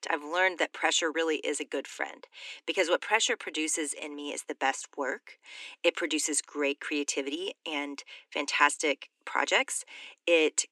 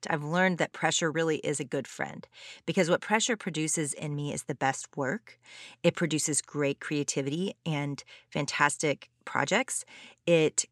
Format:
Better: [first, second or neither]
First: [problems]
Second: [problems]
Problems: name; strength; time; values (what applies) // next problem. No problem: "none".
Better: second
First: thin; somewhat; fading below 300 Hz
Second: none